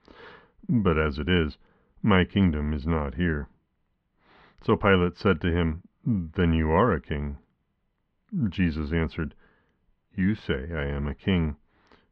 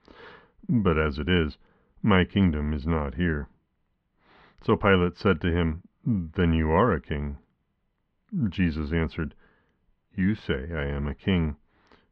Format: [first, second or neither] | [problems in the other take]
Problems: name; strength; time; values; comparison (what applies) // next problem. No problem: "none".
neither | muffled; slightly; fading above 3 kHz; the same in both